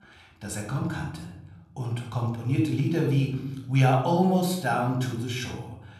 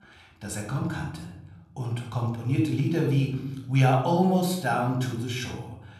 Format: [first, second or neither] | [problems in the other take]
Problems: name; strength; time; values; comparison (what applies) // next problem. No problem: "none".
neither | off-mic speech; somewhat distant; the same in both // room echo; noticeable; dies away in 1 s; the same in both